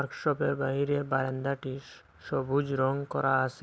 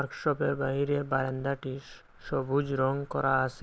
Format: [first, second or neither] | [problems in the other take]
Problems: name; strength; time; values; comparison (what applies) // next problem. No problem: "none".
first | noise reduction (neural mask model Resemble Enhance denoiser)